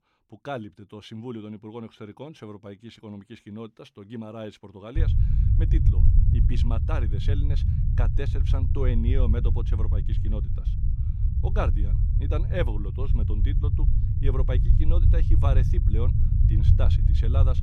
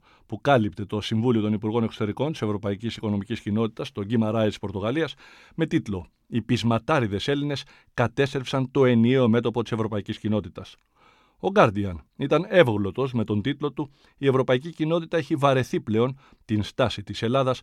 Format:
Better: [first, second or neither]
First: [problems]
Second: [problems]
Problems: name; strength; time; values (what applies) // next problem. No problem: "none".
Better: second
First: low rumble; loud; from 5 s on; 3 dB below the speech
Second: none